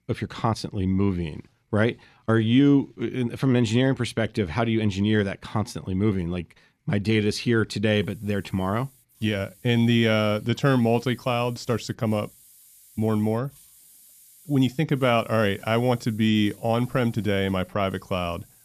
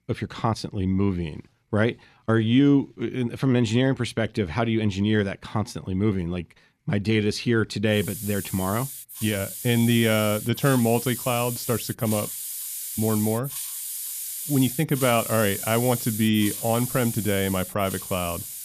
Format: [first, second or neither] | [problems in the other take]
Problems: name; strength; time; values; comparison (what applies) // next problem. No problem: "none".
first | hiss; loud; from 8 s on; 7 dB below the speech; faint in the first